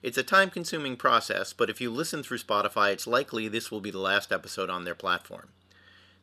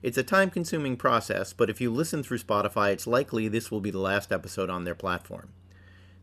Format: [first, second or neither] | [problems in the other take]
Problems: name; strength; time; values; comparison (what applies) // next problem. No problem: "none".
second | thin; very slightly; fading below 350 Hz